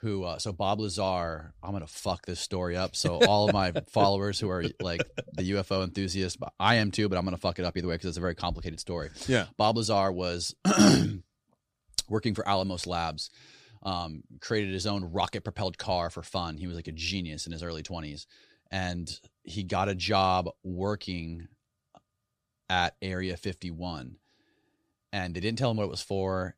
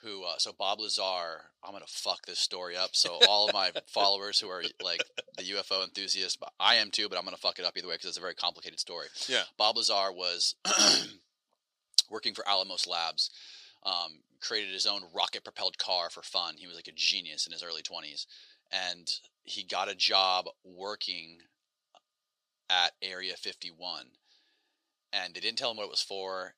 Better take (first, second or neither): first